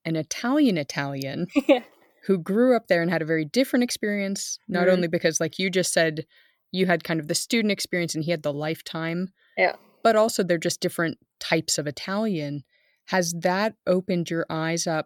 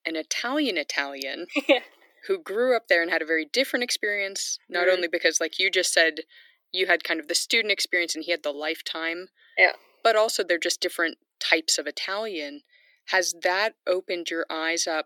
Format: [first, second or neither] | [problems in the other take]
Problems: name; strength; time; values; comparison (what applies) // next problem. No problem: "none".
first | thin; somewhat; fading below 300 Hz